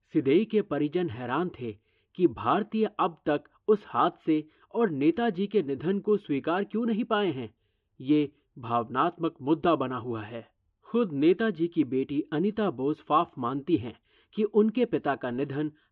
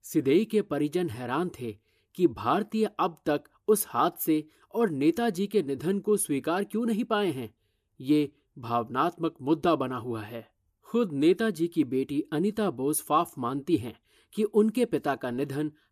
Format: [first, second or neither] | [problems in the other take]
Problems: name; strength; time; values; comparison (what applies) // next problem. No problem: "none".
second | muffled; very; fading above 3.5 kHz